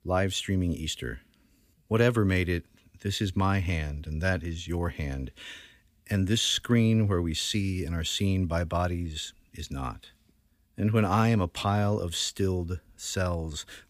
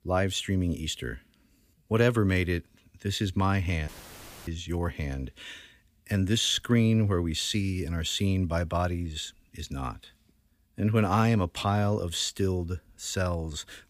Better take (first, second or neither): first